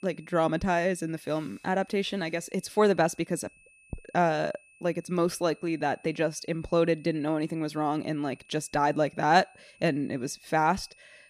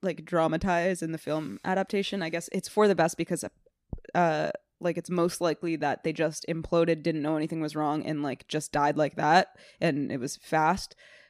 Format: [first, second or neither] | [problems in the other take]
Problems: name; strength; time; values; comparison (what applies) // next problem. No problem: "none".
second | high-pitched whine; faint; throughout; 2.5 kHz, 30 dB below the speech